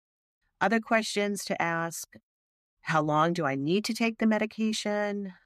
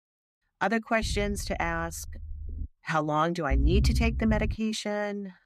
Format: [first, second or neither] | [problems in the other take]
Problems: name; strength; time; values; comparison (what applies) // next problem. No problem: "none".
first | low rumble; noticeable; from 1 to 2.5 s and from 3.5 to 4.5 s; 20 dB below the speech